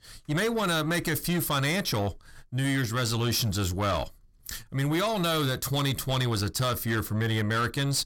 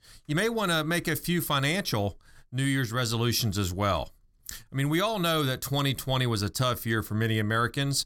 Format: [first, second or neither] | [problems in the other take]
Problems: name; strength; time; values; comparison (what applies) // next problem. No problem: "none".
second | distortion; slight; 10 dB below the speech